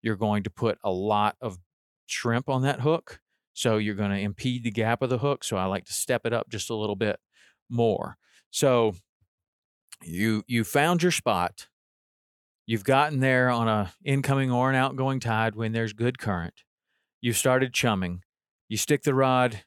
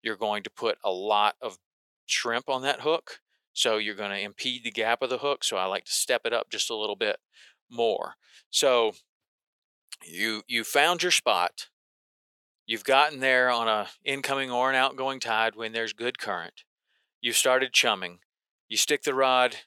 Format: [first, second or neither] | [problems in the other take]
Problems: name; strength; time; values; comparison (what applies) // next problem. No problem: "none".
first | thin; very; fading below 500 Hz